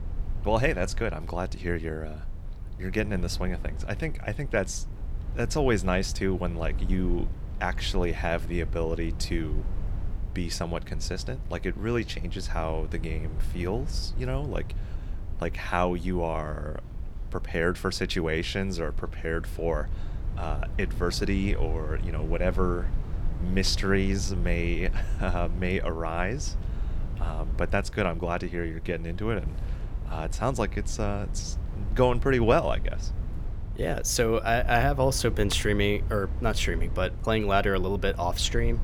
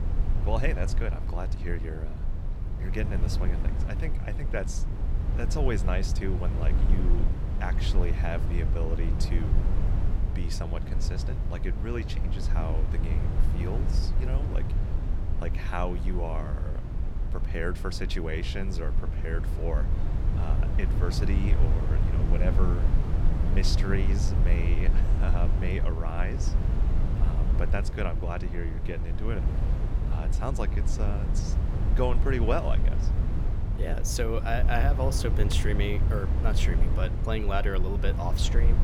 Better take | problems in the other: first | wind noise on the microphone; heavy; 6 dB below the speech; occasional gusts in the first

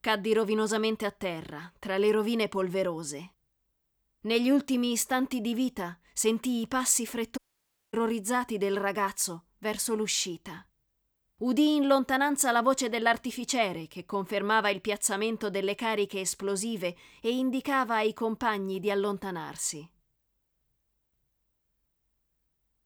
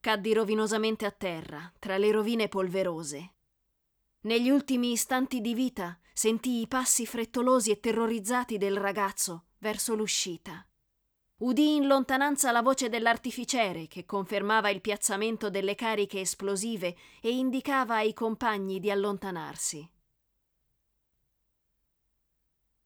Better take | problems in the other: second | audio cutting out; at 7.5 s for 0.5 s

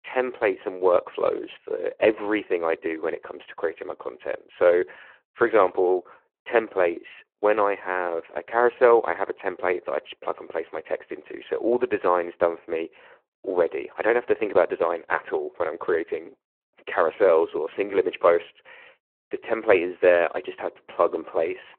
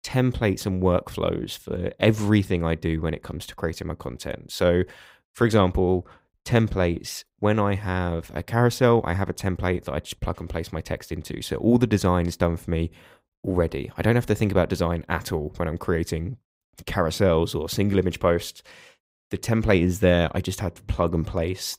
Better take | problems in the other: second | phone-call audio

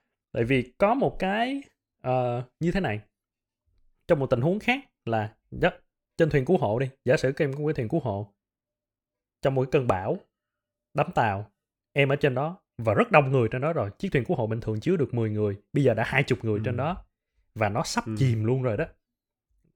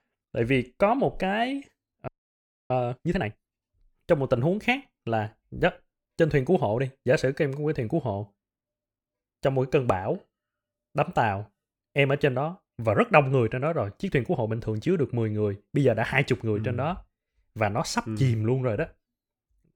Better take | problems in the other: first | audio freezing; at 2 s for 0.5 s

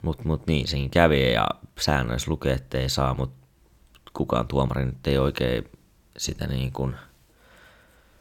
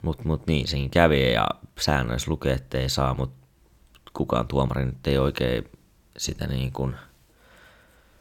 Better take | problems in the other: neither | none

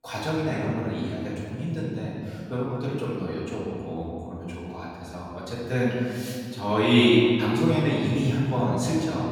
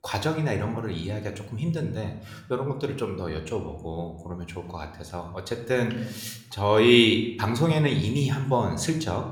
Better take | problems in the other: second | room echo; strong; dies away in 2.1 s; slight in the second // off-mic speech; far

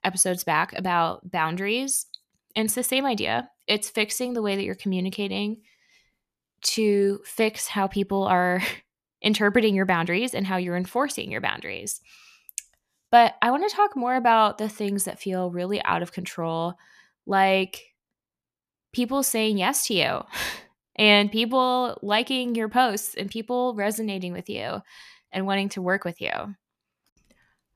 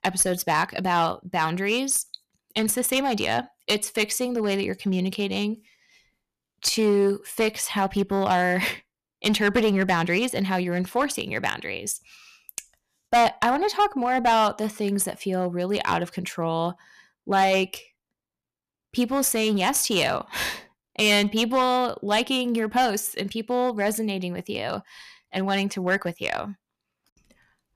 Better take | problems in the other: first | distortion; slight; 4% of the sound clipped

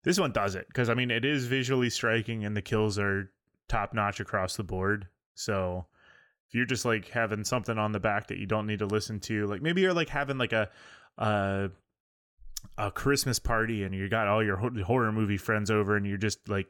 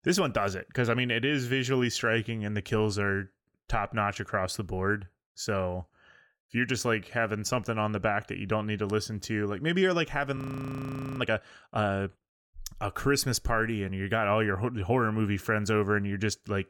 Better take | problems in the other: first | audio freezing; at 10 s for 1 s

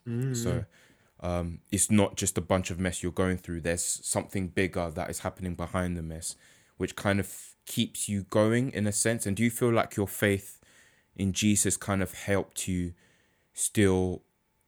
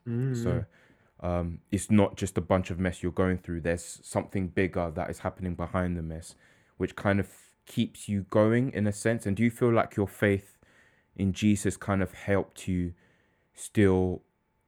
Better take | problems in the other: first | muffled; slightly; fading above 3 kHz

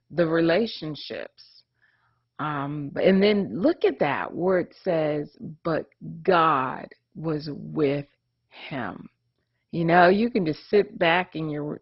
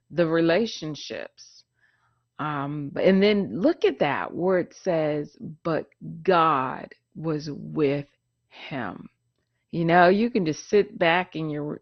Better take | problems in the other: second | garbled, watery; badly; nothing above 5.5 kHz; slightly in the second

